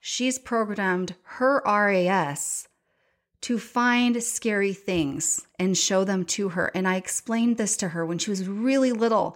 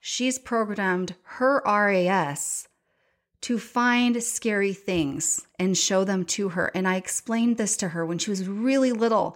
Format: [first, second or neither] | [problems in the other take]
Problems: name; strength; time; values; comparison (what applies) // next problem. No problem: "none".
neither | none